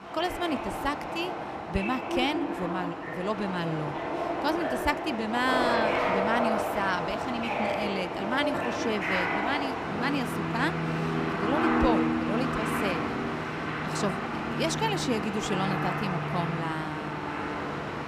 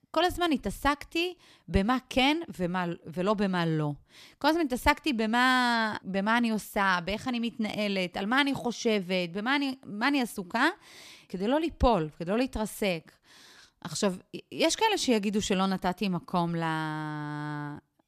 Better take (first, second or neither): second